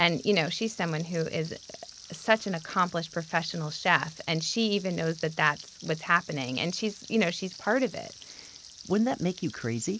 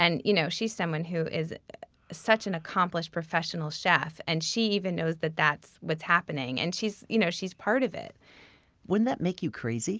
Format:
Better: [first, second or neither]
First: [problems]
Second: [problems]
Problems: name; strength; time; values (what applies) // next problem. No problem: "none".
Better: second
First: background sound (Frying (food)); 18 dB below the speech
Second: none